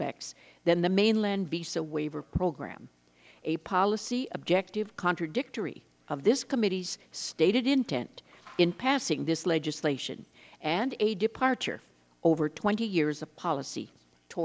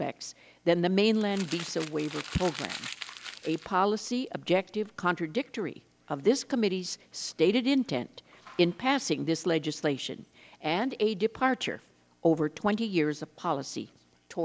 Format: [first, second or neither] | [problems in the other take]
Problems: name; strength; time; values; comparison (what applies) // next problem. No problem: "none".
first | background sound (Crumpling, crinkling); 12 dB below the speech